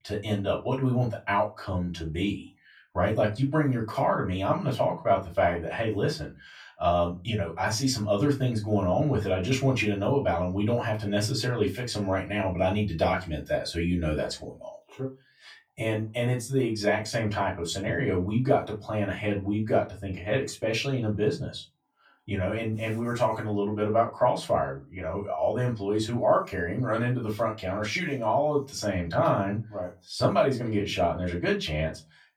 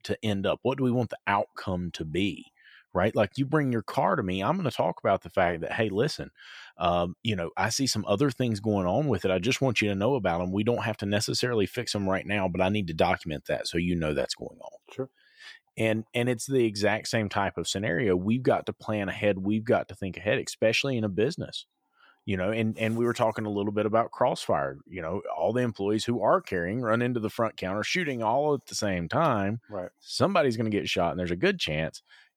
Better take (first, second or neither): second